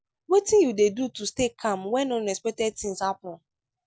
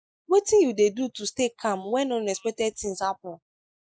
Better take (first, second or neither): first